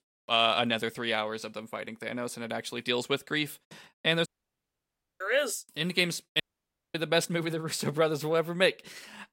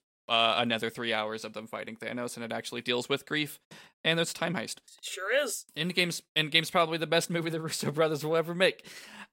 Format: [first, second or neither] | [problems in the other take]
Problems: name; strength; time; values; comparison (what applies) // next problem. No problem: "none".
second | audio cutting out; at 4.5 s for 1 s and at 6.5 s for 0.5 s